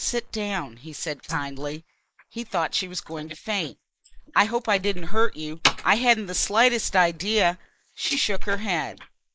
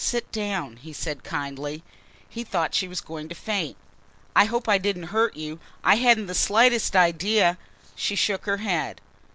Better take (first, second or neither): second